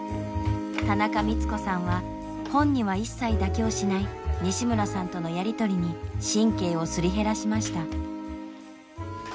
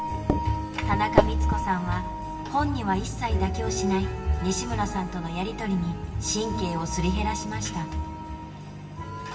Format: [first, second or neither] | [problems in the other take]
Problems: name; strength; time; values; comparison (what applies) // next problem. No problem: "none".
first | background sound (Microwave oven); 6 dB below the speech // room echo; dies away in 0.9 s